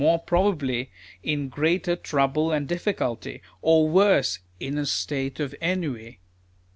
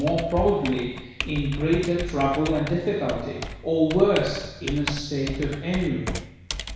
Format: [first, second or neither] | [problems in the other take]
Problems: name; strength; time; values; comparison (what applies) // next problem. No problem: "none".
first | background sound (Computer keyboard); 10 dB below the speech // room echo; dies away in 1.1 s